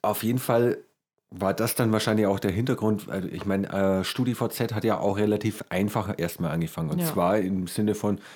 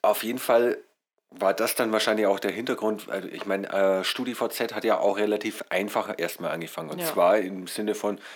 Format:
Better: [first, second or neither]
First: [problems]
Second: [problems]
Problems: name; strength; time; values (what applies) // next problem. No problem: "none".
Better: first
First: none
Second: thin; somewhat; fading below 300 Hz